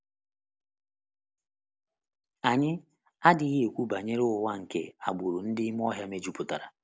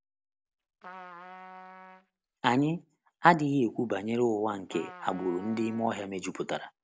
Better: first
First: none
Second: background sound (Trumpet); 18 dB below the speech

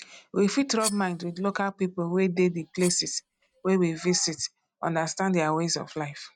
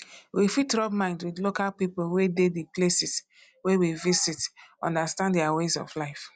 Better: second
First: noise reduction (neural mask model RNNoise)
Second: none

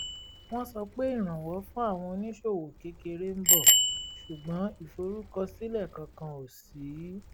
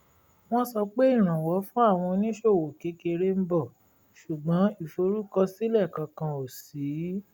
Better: second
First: background sound (Bicycle bell); 3 dB above the speech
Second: none

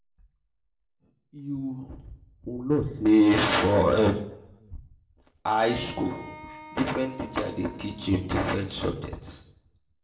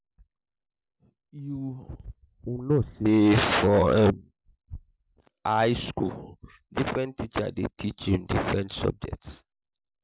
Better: second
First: background sound (Wind instrument, woodwind instrument); 18 dB below the speech // room echo; dies away in 0.6 s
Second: none

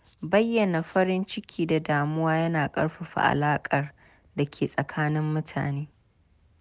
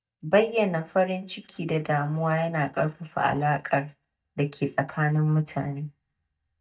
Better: first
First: none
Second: noise reduction (neural mask model DeepFilterNet 3)

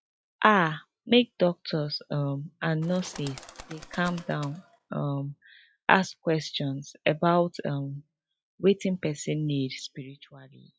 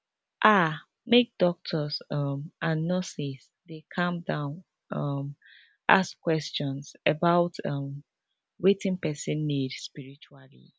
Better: second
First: noise reduction (classical method log-MMSE)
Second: none

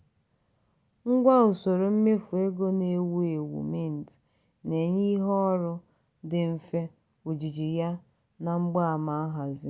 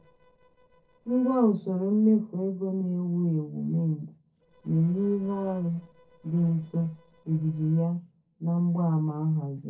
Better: first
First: none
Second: noise reduction (neural separator model SepFormer DNS4)

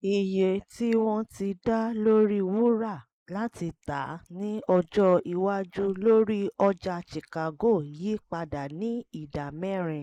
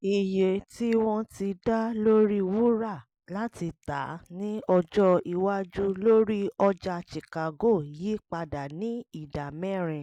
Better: second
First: noise reduction (neural mask model Resemble Enhance denoiser)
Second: none

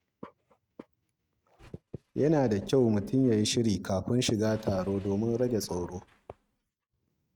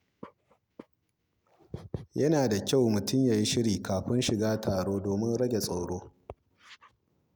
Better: second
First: noise reduction (neural mask model RNNoise)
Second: none

